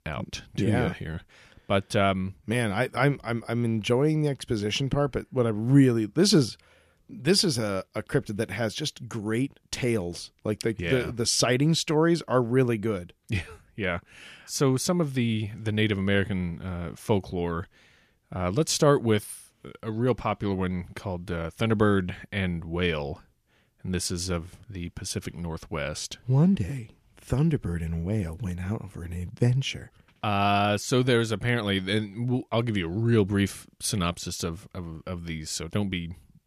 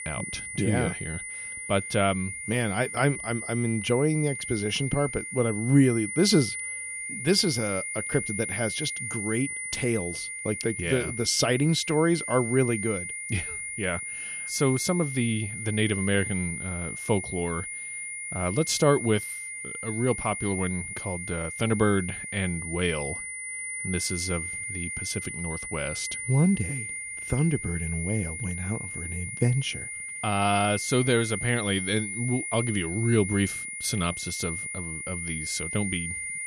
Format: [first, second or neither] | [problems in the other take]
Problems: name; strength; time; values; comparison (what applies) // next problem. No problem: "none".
first | high-pitched whine; loud; throughout; 2 kHz, 5 dB below the speech